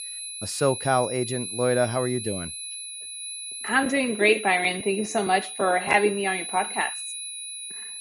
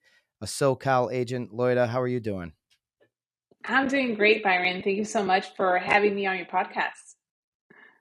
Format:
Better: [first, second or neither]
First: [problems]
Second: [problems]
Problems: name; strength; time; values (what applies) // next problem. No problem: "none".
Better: second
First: high-pitched whine; loud; throughout; 10.5 kHz, 9 dB below the speech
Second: none